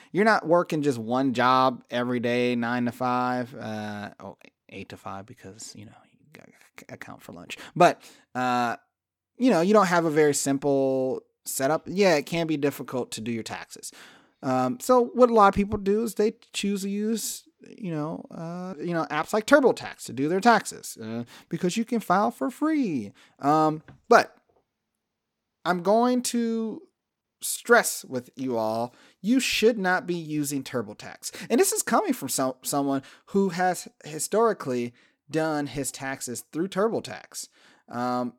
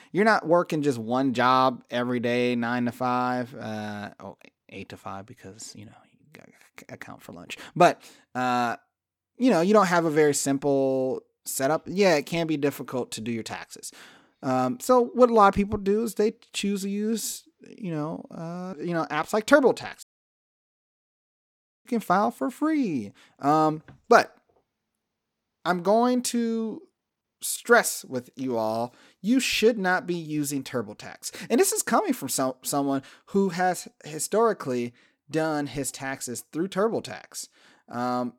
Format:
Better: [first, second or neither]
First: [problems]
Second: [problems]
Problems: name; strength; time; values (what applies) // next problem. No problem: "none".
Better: first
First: none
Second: audio cutting out; at 20 s for 2 s